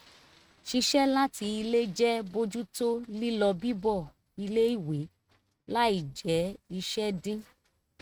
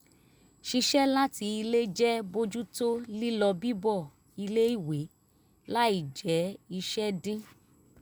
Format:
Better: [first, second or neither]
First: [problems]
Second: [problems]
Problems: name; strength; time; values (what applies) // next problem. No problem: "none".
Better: second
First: noise reduction (neural mask model RNNoise)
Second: none